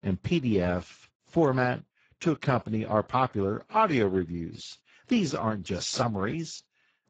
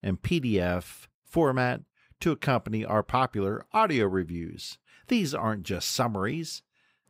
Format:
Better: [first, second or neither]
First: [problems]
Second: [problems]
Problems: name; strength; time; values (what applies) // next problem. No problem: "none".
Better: second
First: garbled, watery; badly; nothing above 7.5 kHz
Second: none